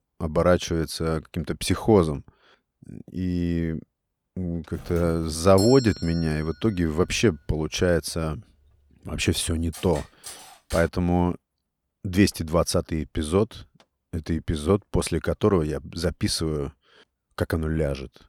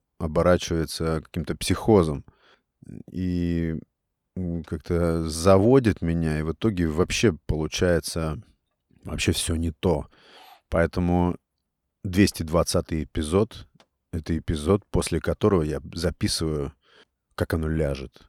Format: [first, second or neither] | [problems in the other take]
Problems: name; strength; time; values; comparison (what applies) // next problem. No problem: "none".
second | doorbell; noticeable; from 4.5 to 6.5 s; peak 6 dB below the speech // clattering dishes; faint; from 9.5 to 11 s; peak 15 dB below the speech